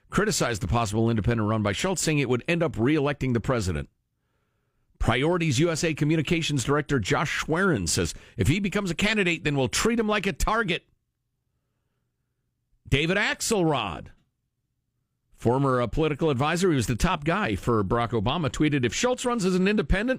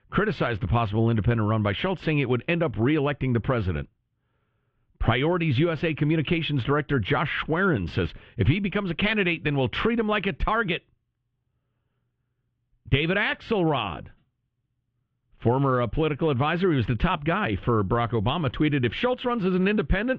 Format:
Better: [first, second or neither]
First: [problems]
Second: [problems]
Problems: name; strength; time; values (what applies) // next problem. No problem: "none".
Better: first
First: none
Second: muffled; very; fading above 3.5 kHz